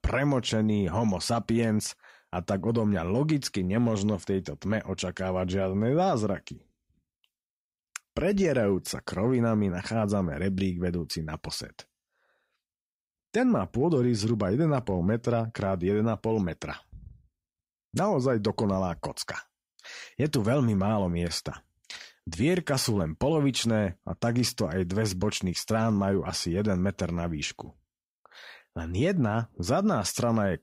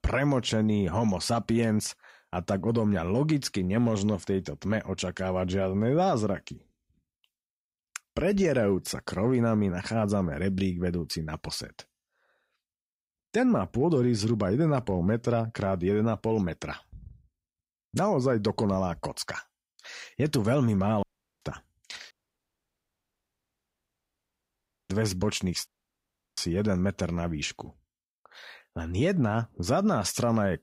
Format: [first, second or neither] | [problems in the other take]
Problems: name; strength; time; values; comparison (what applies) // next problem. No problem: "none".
first | audio cutting out; at 21 s, at 22 s for 3 s and at 26 s for 0.5 s